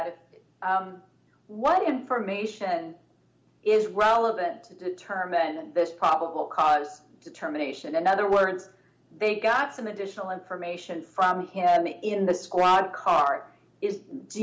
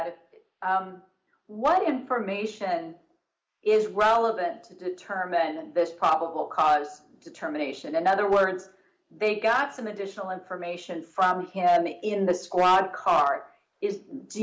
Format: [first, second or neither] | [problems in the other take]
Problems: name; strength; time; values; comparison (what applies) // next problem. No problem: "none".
first | noise reduction (neural mask model Resemble Enhance denoiser)